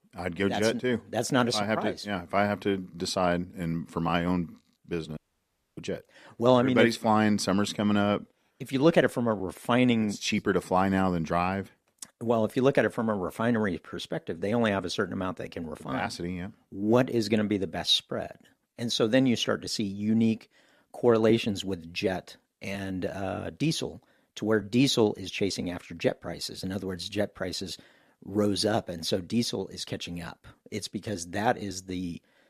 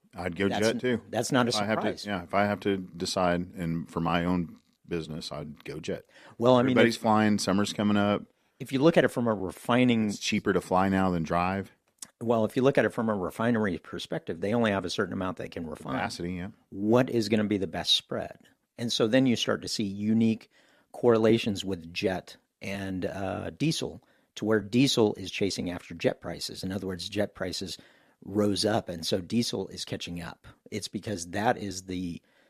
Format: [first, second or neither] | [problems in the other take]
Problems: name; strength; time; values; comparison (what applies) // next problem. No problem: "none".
second | audio cutting out; at 5 s for 0.5 s